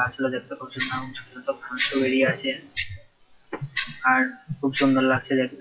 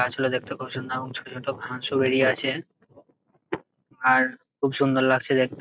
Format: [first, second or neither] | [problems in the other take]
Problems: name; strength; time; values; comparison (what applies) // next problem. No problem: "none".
second | noise reduction (classical method WPE with log-MMSE)